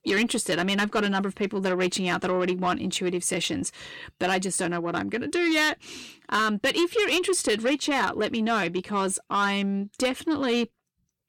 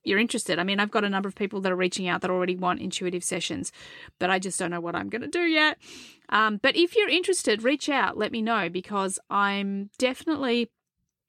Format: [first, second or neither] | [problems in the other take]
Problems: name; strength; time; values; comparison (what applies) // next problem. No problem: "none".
second | distortion; slight; 10 dB below the speech